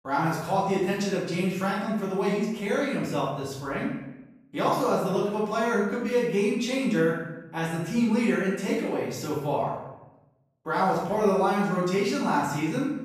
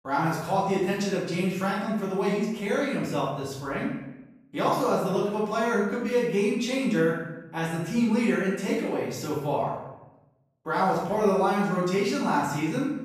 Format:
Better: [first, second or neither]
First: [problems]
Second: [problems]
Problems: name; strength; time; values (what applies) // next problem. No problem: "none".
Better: neither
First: room echo; noticeable; dies away in 0.8 s // off-mic speech; far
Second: room echo; noticeable; dies away in 0.8 s // off-mic speech; far